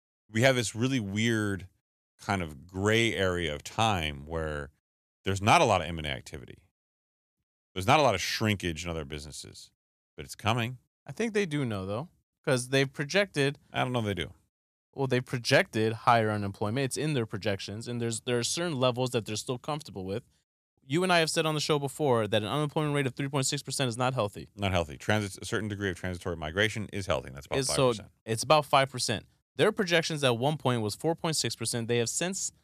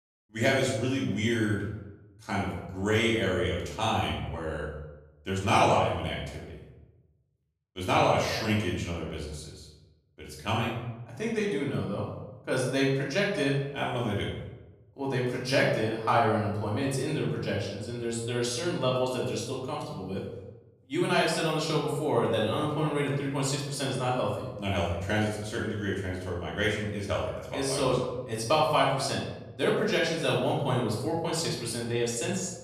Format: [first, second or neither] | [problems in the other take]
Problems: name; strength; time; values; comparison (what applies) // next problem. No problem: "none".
first | off-mic speech; far // room echo; noticeable; dies away in 0.9 s